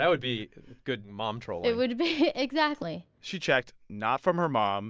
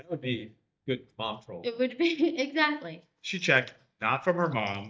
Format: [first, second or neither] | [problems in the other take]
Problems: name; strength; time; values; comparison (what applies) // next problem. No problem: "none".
first | noise reduction (neural mask model DeepFilterNet 3)